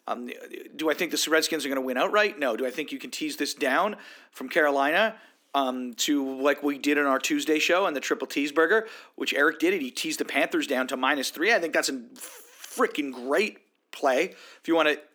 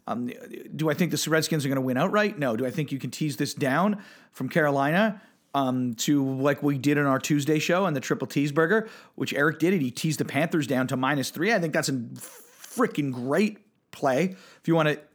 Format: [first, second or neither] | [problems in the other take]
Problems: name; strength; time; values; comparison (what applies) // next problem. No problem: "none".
second | thin; very slightly; fading below 300 Hz